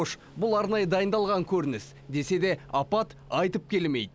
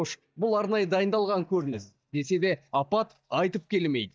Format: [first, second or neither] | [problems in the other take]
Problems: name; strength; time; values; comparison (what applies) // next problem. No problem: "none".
first | noise reduction (neural mask model DeepFilterNet 3)